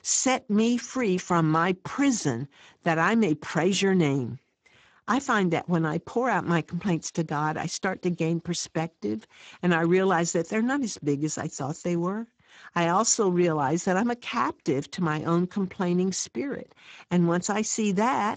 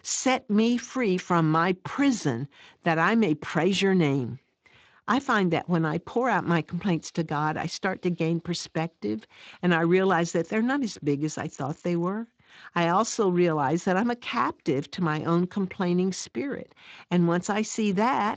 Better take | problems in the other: second | garbled, watery; badly; nothing above 7.5 kHz; slightly in the second

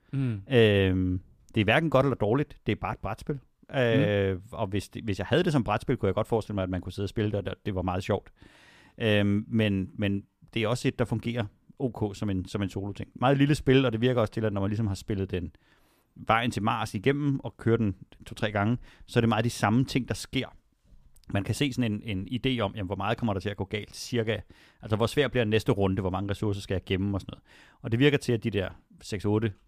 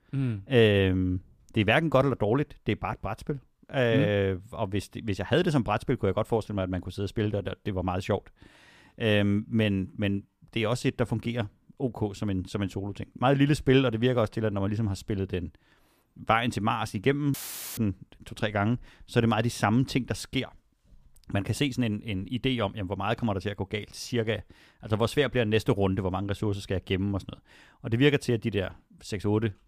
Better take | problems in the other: first | audio cutting out; filled with static; at 17 s

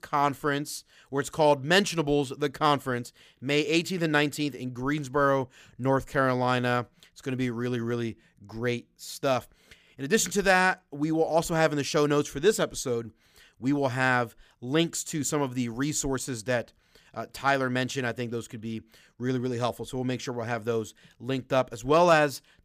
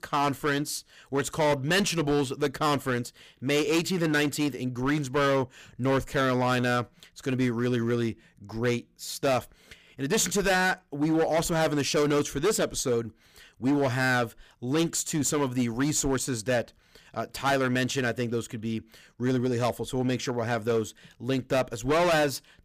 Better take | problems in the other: first | distortion; heavy; 10% of the sound clipped

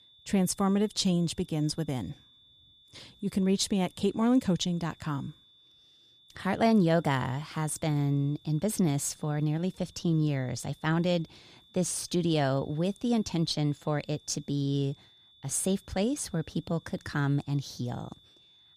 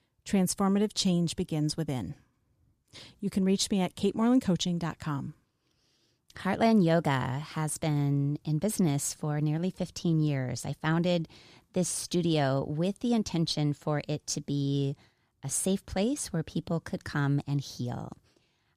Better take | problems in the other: second | high-pitched whine; faint; throughout; 3.5 kHz, 30 dB below the speech

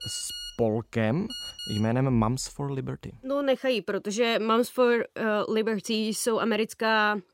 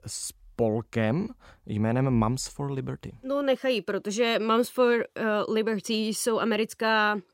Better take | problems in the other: second | phone ringing; noticeable; until 2 s; peak 8 dB below the speech

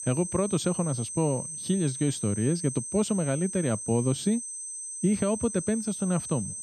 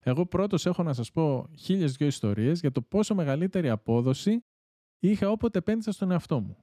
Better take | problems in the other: second | high-pitched whine; loud; throughout; 8.5 kHz, 6 dB below the speech

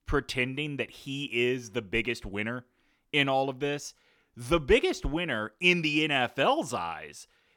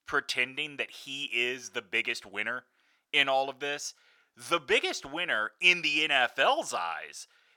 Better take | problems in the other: first | thin; somewhat; fading below 900 Hz

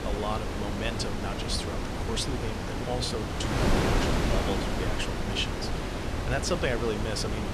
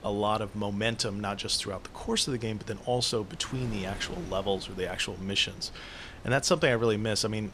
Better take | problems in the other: second | wind noise on the microphone; heavy; 1 dB above the speech; occasional gusts in the second

